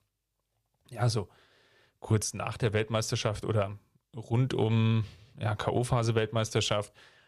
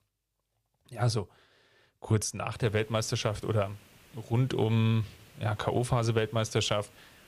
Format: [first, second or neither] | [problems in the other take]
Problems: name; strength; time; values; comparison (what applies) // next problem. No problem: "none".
first | hiss; faint; from 2.5 s on; 25 dB below the speech